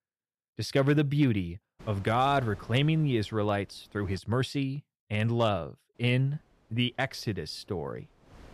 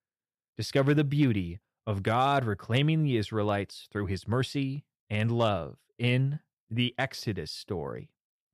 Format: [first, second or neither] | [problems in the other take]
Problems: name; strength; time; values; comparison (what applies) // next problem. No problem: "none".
second | wind noise on the microphone; occasional gusts; from 2 to 4 s and from 6 s on; 25 dB below the speech